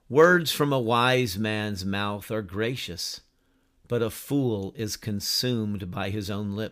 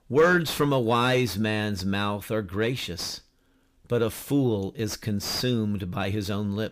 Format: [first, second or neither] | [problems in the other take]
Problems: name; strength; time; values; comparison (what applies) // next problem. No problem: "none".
first | distortion; slight; 10 dB below the speech